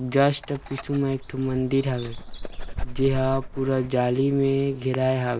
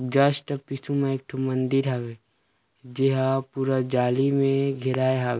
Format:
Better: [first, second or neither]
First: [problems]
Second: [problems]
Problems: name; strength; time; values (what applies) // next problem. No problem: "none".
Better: second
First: background sound (Dog); 10 dB below the speech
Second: none